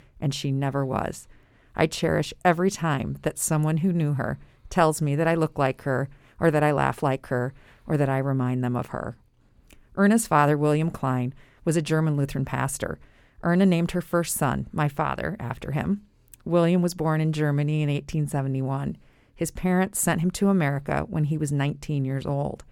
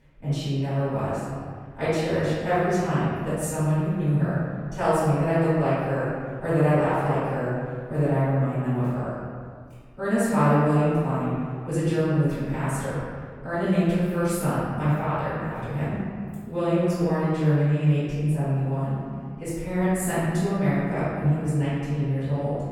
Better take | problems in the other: first | off-mic speech; far // room echo; strong; dies away in 1.9 s

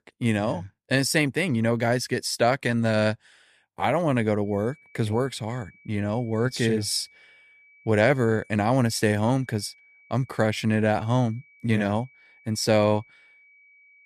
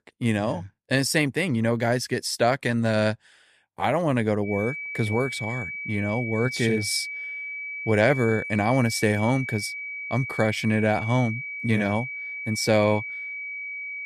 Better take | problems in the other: first | high-pitched whine; loud; from 4.5 s on; 2.5 kHz, 7 dB below the speech; faint in the first

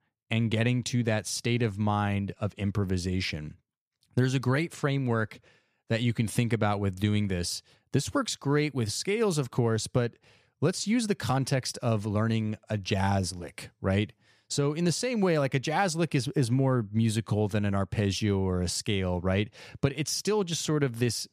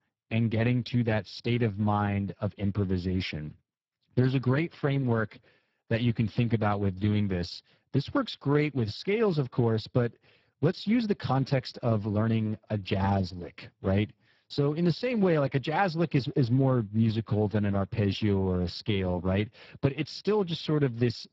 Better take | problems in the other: first | garbled, watery; badly; nothing above 7.5 kHz

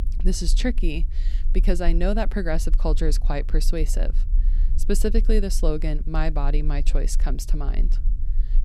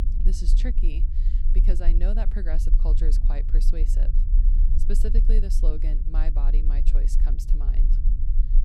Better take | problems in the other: first | low rumble; loud; throughout; 7 dB below the speech; faint in the first

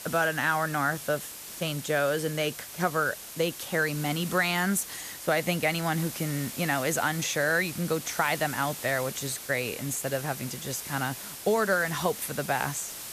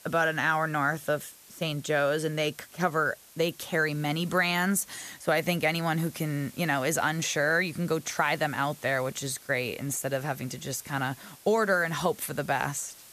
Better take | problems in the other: second | hiss; loud; throughout; 9 dB below the speech; faint in the second

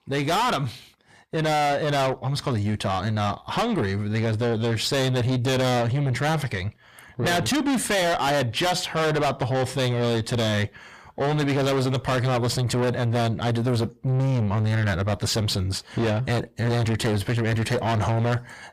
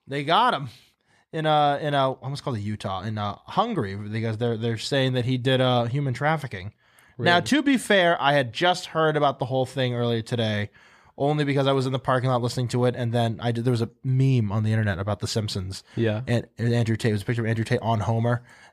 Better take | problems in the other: second | distortion; heavy; 5 dB below the speech

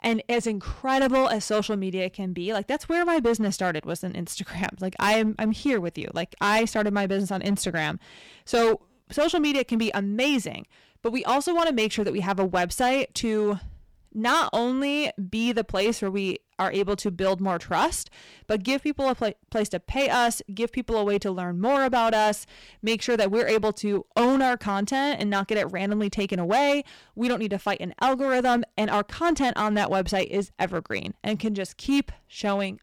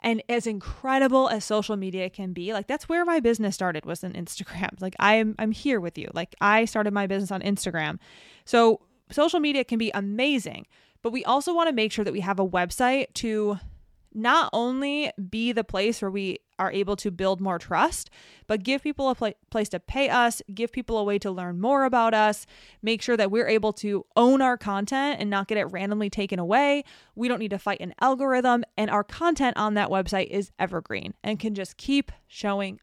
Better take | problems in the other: second | distortion; slight; 7% of the sound clipped

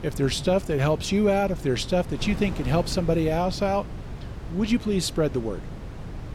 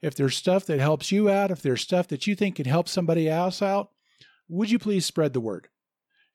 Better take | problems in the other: second | wind noise on the microphone; occasional gusts; 15 dB below the speech

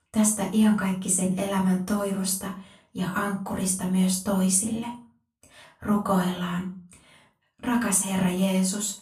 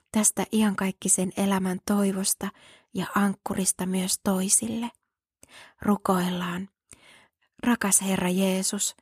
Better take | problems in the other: second | off-mic speech; far // room echo; slight; dies away in 0.3 s

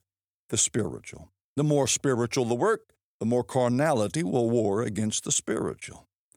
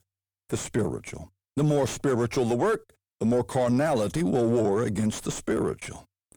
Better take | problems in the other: first | distortion; heavy; 7 dB below the speech

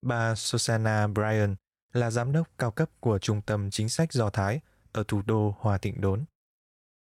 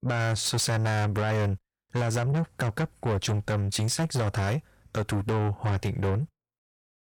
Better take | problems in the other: first | distortion; heavy; 8 dB below the speech

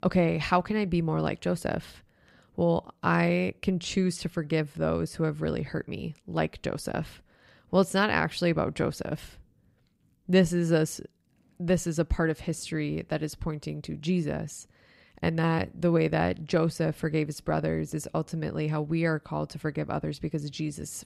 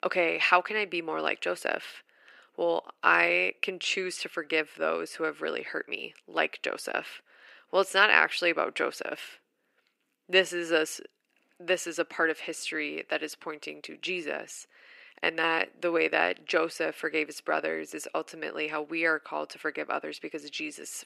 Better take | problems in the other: first | thin; very; fading below 350 Hz

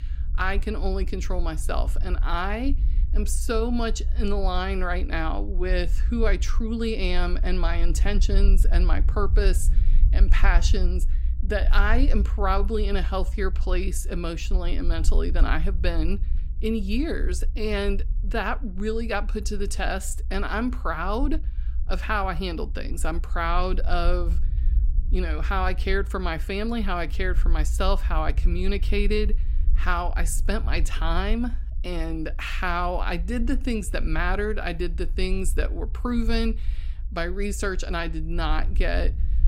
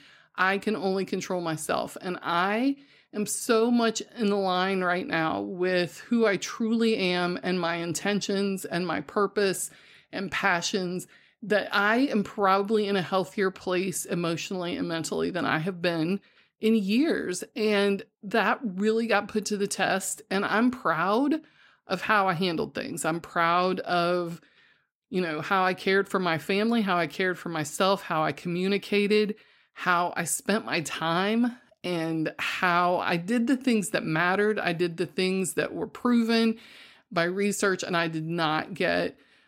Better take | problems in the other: second | low rumble; faint; throughout; 20 dB below the speech

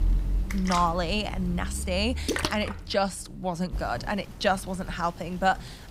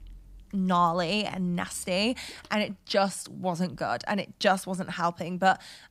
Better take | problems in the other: second | rain or running water; loud; throughout; 5 dB below the speech; faint in the second

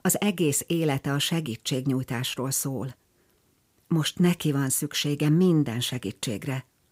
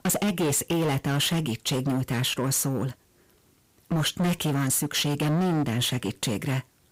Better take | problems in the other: first | distortion; heavy; 20% of the sound clipped

